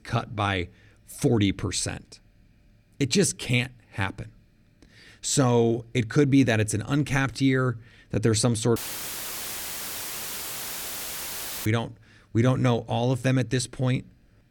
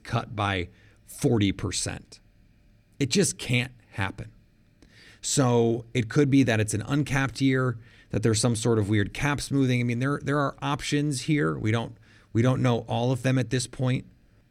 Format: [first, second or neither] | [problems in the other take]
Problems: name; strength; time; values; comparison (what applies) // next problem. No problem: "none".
second | audio cutting out; filled with static; at 9 s for 3 s